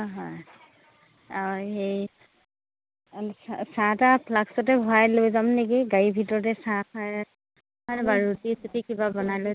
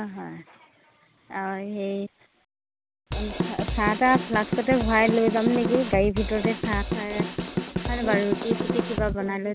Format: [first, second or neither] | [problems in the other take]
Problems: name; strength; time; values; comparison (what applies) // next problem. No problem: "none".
first | background sound (Drum kit); 2 dB below the speech